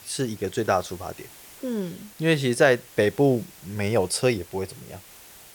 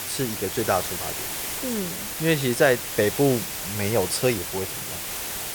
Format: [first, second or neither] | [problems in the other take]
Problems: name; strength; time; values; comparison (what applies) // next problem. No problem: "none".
first | hiss; loud; throughout; 4 dB below the speech; faint in the first